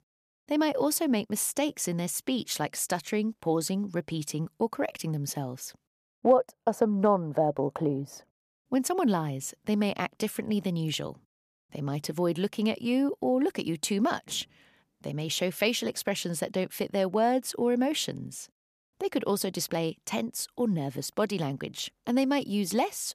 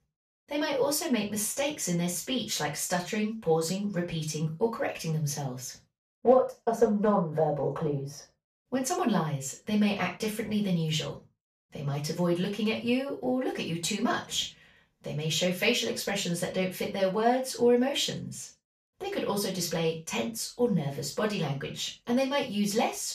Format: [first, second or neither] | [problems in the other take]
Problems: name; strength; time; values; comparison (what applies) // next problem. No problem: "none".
first | room echo; slight; dies away in 0.3 s // off-mic speech; far